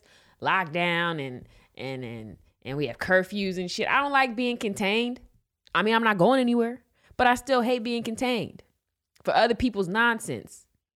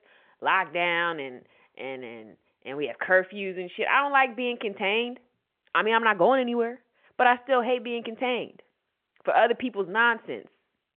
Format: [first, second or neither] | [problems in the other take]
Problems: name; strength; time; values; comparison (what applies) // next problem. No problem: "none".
first | phone-call audio; nothing above 3 kHz